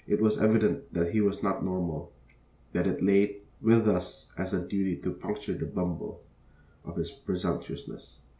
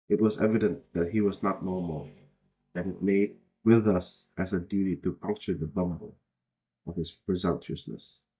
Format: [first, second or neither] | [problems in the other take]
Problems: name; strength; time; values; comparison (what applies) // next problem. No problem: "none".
first | noise reduction (neural mask model DeepFilterNet 3)